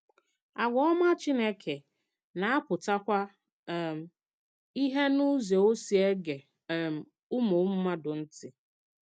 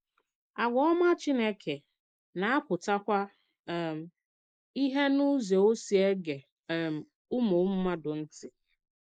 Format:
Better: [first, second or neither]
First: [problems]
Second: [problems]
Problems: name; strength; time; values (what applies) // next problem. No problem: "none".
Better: first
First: none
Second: noise reduction (neural mask model Resemble Enhance denoiser)